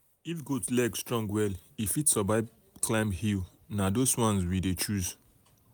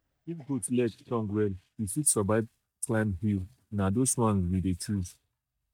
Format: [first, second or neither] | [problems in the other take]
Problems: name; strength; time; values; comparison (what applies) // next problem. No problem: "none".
first | noise reduction (neural mask model DeepFilterNet 3)